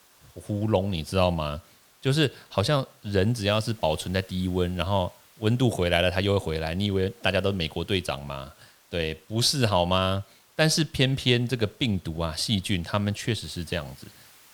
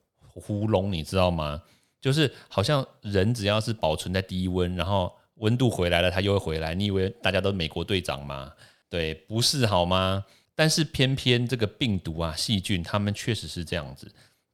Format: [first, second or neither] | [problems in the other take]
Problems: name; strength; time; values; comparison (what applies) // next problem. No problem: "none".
second | hiss; faint; throughout; 30 dB below the speech